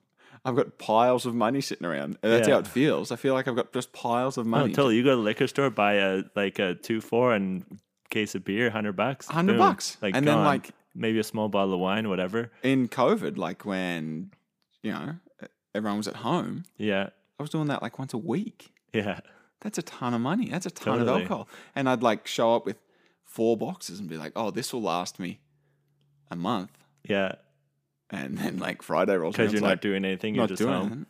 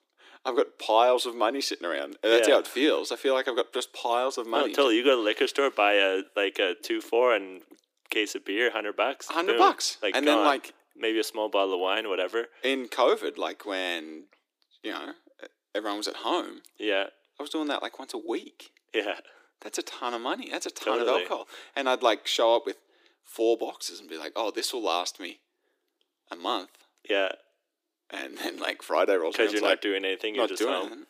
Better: first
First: none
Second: thin; somewhat; fading below 300 Hz

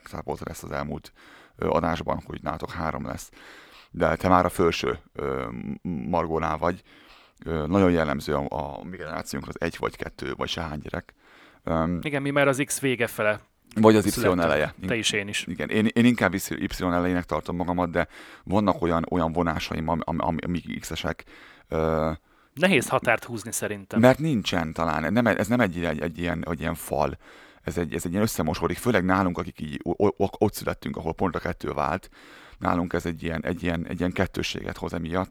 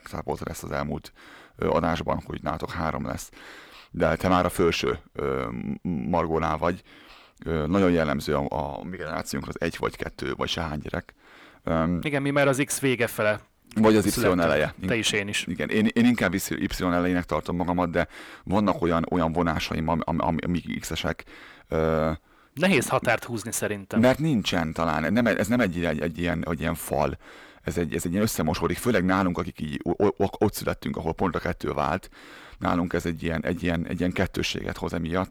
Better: first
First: none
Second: distortion; slight; 10 dB below the speech

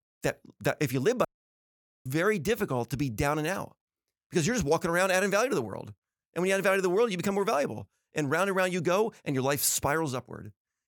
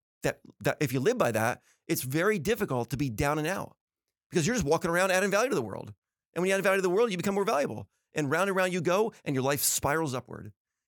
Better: second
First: audio cutting out; at 1.5 s for 1 s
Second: none

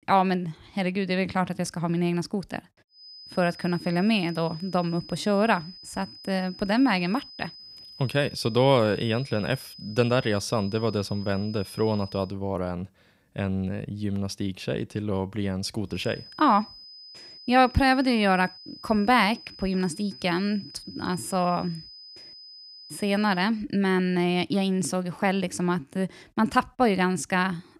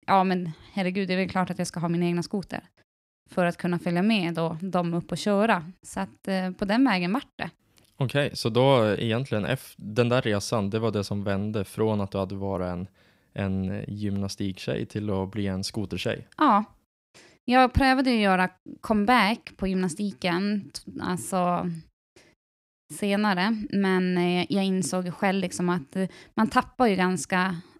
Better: second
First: high-pitched whine; noticeable; from 3 to 12 s and from 16 to 23 s; 5 kHz, 15 dB below the speech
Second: none

